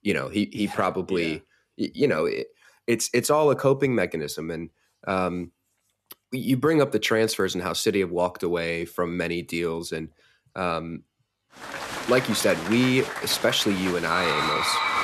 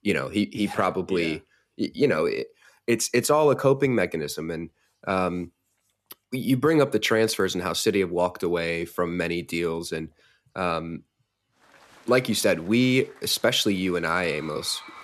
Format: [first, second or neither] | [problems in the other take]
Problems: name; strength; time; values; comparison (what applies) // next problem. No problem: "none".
second | crowd noise; loud; from 12 s on; 4 dB below the speech; faint in the second